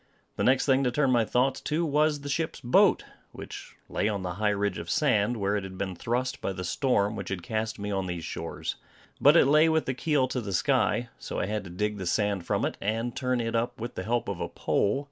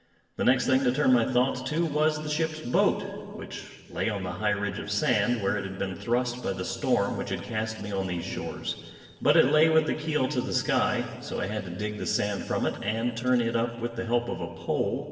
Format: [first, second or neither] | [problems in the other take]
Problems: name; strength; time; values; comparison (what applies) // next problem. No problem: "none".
first | background sound (Organ); 19 dB below the speech // room echo; dies away in 1.9 s